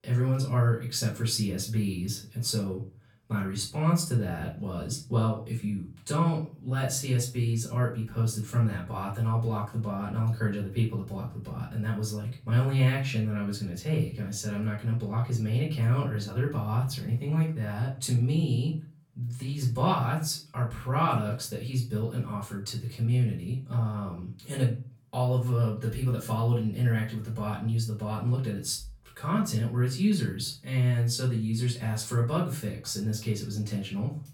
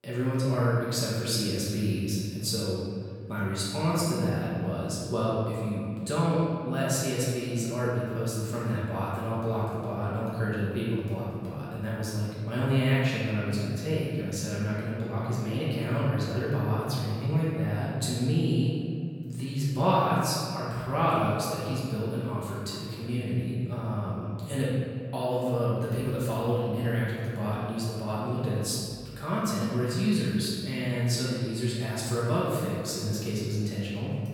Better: first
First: room echo; slight; dies away in 0.3 s // off-mic speech; far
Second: room echo; strong; dies away in 2 s // off-mic speech; far

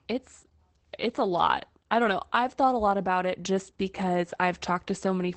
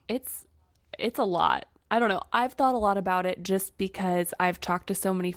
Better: second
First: garbled, watery; badly; nothing above 8 kHz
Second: garbled, watery; slightly; nothing above 18.5 kHz

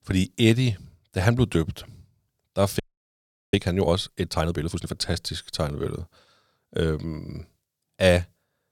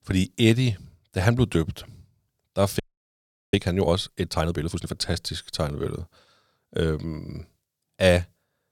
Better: neither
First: audio freezing; at 3 s for 0.5 s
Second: audio freezing; at 3 s for 0.5 s

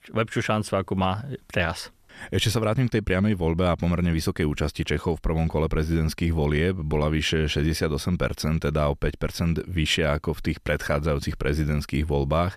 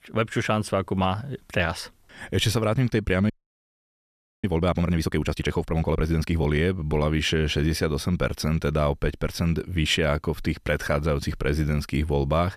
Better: first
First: none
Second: audio freezing; at 3.5 s for 1 s

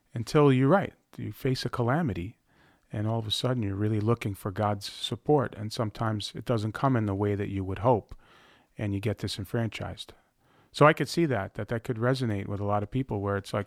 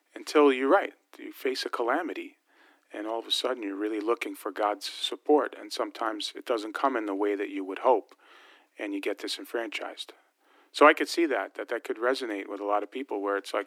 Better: first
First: none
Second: thin; somewhat; fading below 300 Hz

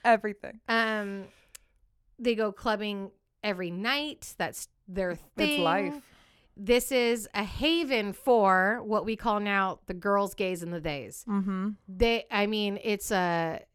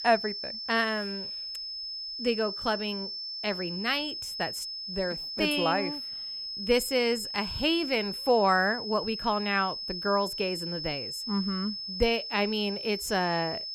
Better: first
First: none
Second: high-pitched whine; loud; throughout; 5 kHz, 5 dB below the speech

